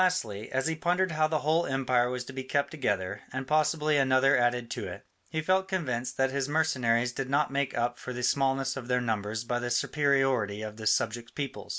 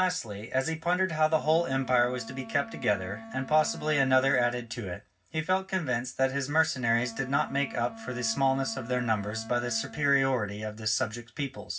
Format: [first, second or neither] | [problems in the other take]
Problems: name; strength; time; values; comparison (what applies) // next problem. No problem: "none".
first | background sound (Wind instrument, woodwind instrument); 17 dB below the speech // room echo; dies away in 0.4 s